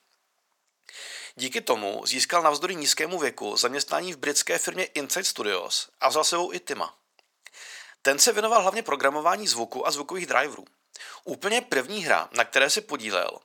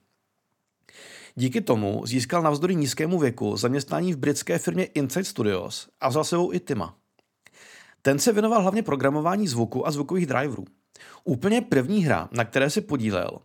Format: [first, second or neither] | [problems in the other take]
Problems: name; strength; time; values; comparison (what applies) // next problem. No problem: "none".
second | thin; very; fading below 650 Hz